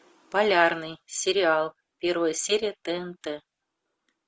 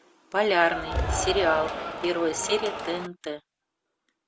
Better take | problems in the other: first | background sound (Cheering); 3 dB below the speech

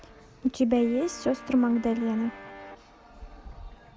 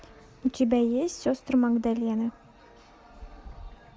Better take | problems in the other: second | background sound (Guitar); 16 dB below the speech

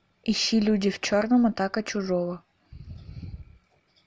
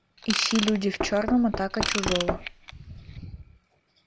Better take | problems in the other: first | background sound (Knock + Ratchet, pawl / Tools); 3 dB below the speech

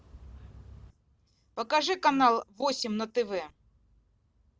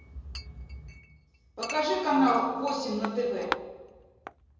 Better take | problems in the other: first | background sound (Chink, clink); 12 dB below the speech // room echo; dies away in 1.2 s

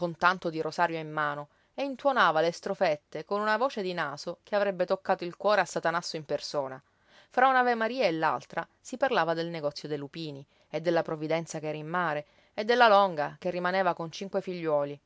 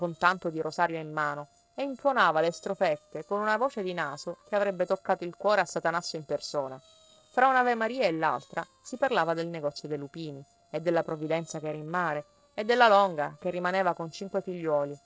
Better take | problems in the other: first | noise reduction (neural separator model SepFormer DNS4)

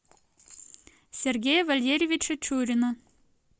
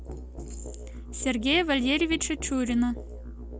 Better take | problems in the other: first | background sound (Musical instrument); 10 dB below the speech

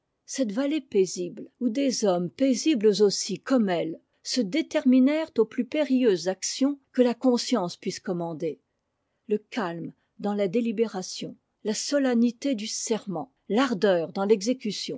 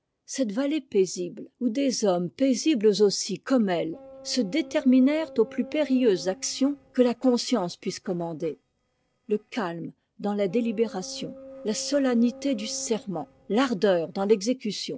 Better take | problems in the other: first | noise reduction (neural separator model SepFormer DNS4)

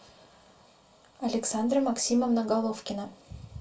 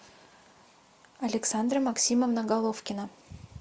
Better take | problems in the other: second | room echo; dies away in 0.2 s

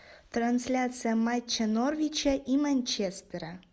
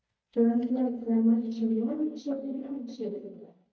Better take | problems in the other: first | noise reduction (neural mask model DeepFilterNet 3)

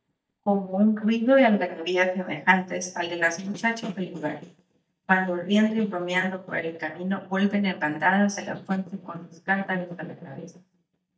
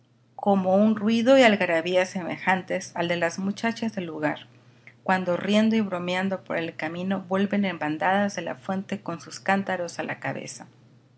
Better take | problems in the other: second | noise reduction (neural mask model DeepFilterNet 3)

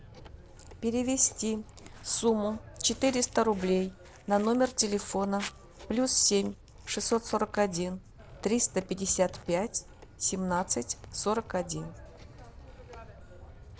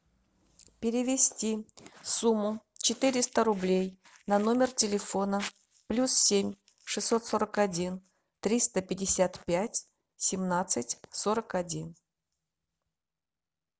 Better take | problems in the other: second | background sound (Wind + Telephone); 18 dB below the speech

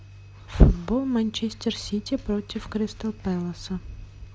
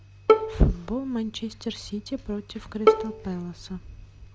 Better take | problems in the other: first | background sound (Bowed string instrument); 3 dB above the speech

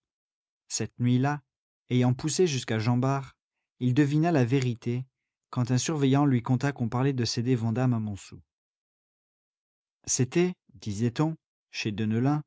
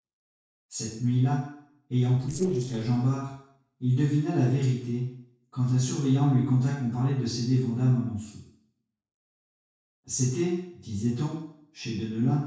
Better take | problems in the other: first | noise reduction (neural separator model SepFormer DNS4)

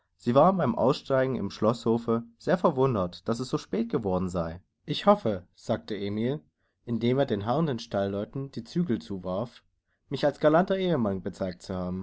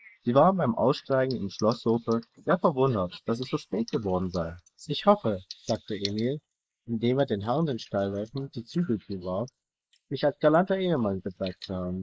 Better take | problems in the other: first | noise reduction (neural mask model Resemble Enhance denoiser)

